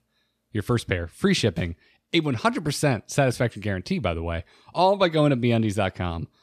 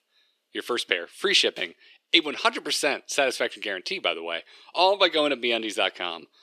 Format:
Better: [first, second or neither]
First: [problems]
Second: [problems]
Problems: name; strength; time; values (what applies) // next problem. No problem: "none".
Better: first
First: none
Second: thin; somewhat; fading below 350 Hz